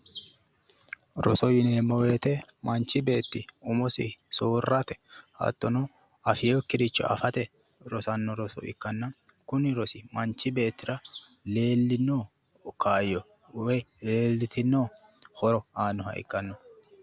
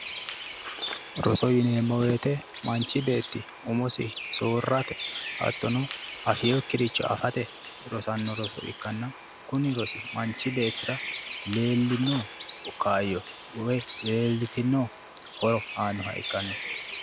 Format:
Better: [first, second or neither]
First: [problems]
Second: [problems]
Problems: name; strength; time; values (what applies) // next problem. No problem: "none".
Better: first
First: none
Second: background sound (Bird); 10 dB below the speech